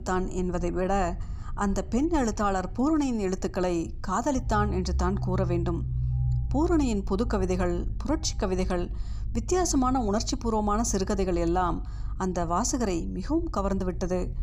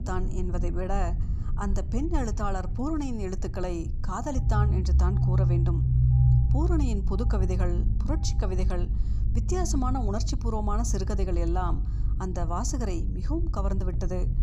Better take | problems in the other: first | low rumble; loud; throughout; 8 dB below the speech; faint in the first

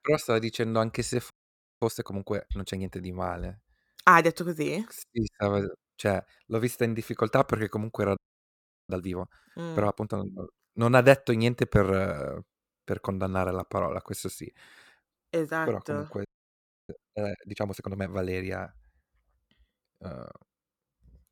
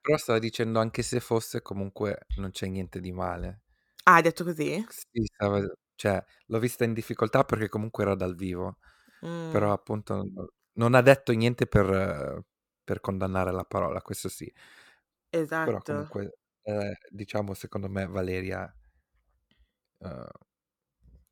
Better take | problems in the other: second | audio freezing; at 1.5 s for 0.5 s, at 8 s for 0.5 s and at 16 s for 0.5 s

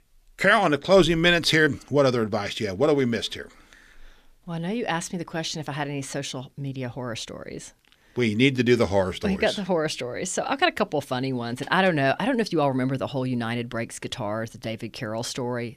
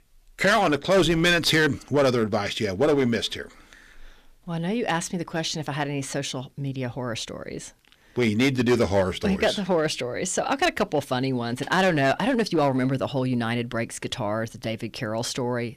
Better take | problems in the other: first | distortion; slight; 5% of the sound clipped

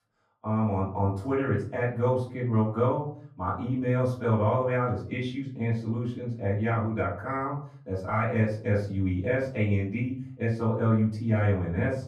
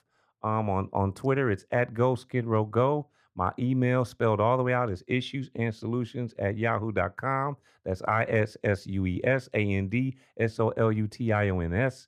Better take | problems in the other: second | off-mic speech; far // room echo; slight; dies away in 0.5 s

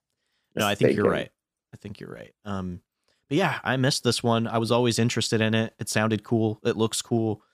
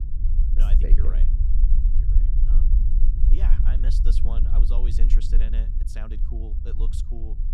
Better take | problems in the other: first | low rumble; loud; throughout; 2 dB below the speech

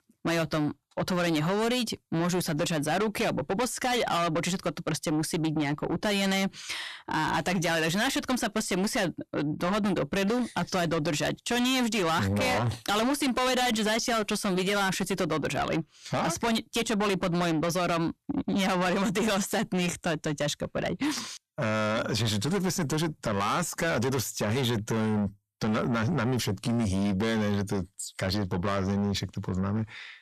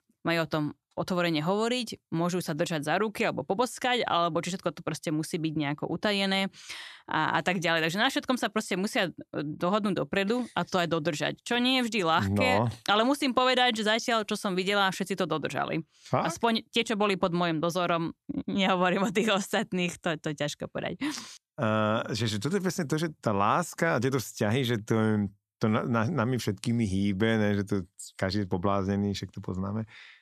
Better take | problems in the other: second | distortion; heavy; 5 dB below the speech

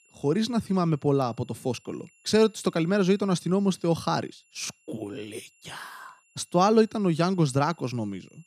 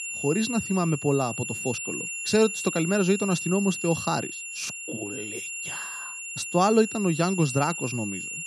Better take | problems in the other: first | high-pitched whine; loud; throughout; 2.5 kHz, 6 dB below the speech; faint in the first

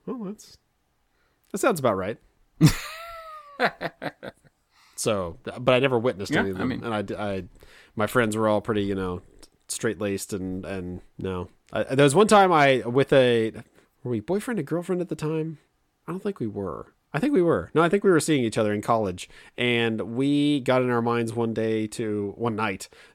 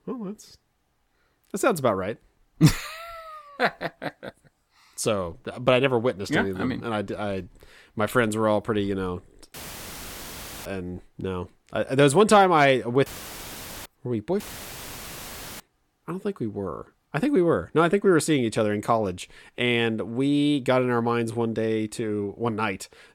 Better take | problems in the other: first | audio cutting out; filled with static; at 9.5 s for 1 s, at 13 s for 1 s and at 14 s for 1 s

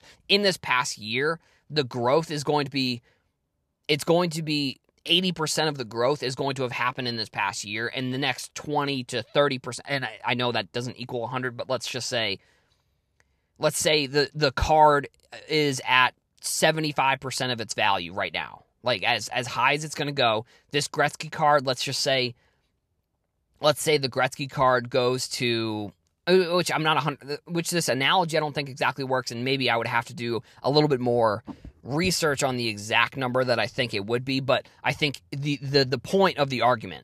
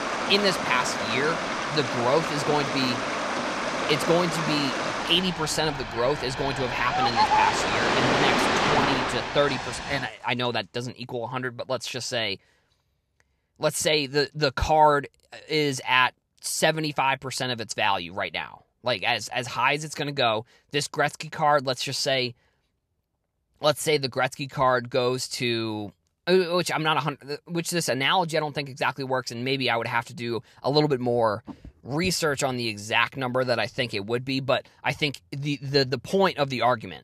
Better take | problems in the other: first | rain or running water; loud; until 10 s; 1 dB below the speech

